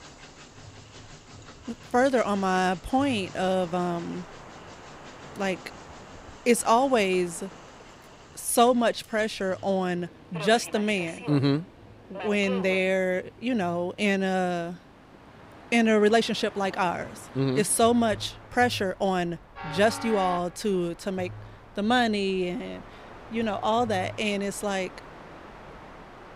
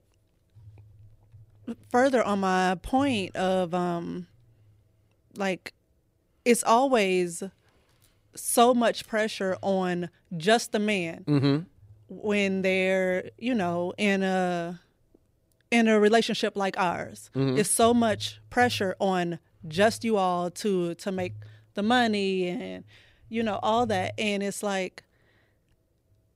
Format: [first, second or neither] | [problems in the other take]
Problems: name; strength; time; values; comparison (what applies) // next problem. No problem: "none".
second | train or aircraft noise; noticeable; throughout; 20 dB below the speech